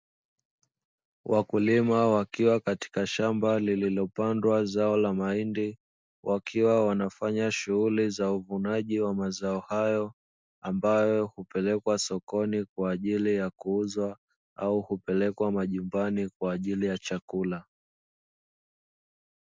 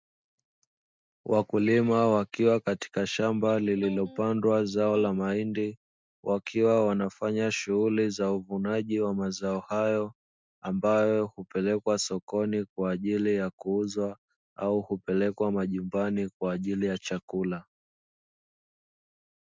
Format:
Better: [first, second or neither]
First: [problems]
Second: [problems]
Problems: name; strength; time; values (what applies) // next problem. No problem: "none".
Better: first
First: none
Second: noise reduction (neural mask model RNNoise)